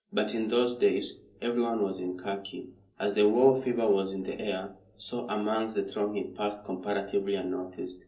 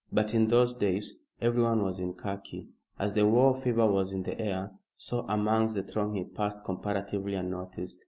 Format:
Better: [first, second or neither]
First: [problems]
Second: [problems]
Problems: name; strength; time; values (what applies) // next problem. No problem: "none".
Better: second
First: room echo; dies away in 0.3 s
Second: none